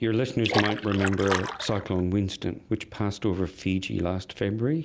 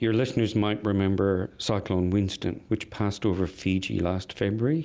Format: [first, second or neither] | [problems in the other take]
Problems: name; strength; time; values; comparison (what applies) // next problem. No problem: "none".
second | background sound (Splash, splatter); 4 dB below the speech